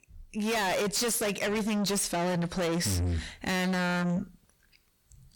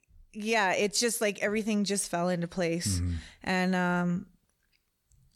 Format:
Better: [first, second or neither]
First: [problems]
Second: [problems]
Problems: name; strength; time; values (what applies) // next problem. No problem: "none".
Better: second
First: distortion; heavy; 5 dB below the speech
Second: none